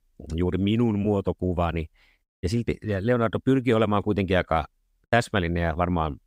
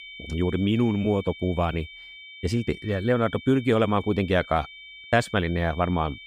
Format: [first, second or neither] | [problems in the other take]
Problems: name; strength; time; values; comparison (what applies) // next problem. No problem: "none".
first | high-pitched whine; noticeable; throughout; 2.5 kHz, 15 dB below the speech